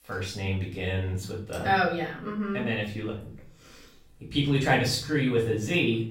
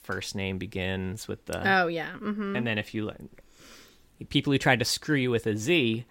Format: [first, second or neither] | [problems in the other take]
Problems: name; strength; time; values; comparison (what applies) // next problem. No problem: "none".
second | off-mic speech; far // room echo; noticeable; dies away in 0.5 s